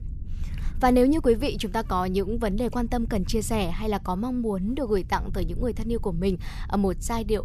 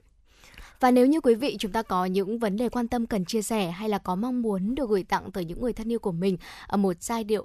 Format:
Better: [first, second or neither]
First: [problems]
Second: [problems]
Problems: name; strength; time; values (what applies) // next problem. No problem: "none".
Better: second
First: low rumble; faint; throughout; 25 dB below the speech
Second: none